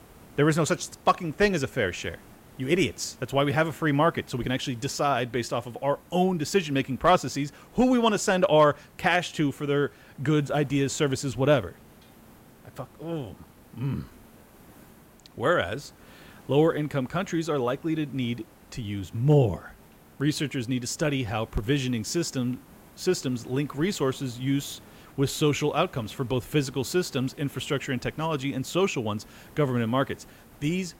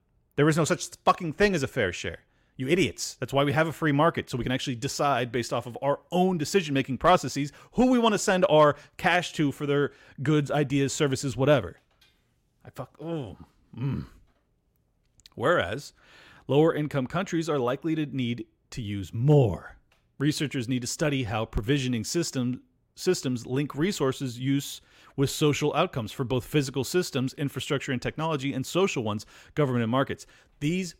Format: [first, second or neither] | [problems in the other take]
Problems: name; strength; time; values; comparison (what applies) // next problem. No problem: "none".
second | hiss; faint; throughout; 25 dB below the speech